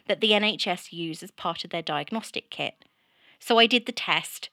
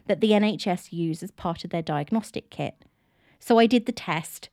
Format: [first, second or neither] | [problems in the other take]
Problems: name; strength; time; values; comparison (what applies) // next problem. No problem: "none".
second | thin; very slightly; fading below 450 Hz